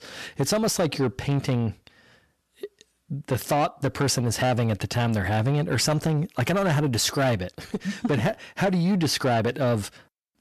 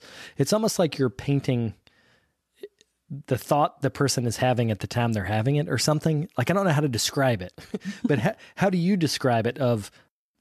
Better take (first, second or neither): second